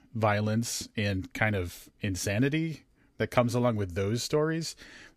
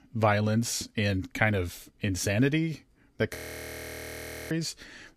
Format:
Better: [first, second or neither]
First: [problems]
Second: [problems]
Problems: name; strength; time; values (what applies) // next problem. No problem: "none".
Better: first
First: none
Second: audio freezing; at 3.5 s for 1 s